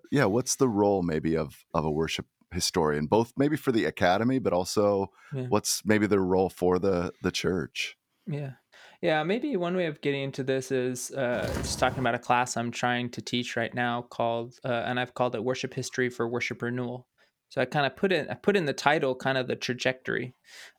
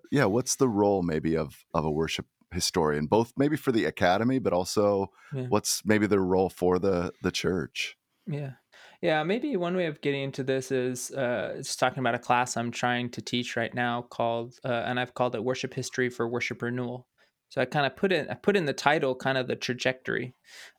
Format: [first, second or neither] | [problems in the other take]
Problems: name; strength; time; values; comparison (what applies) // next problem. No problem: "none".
second | footsteps; noticeable; at 11 s; peak 7 dB below the speech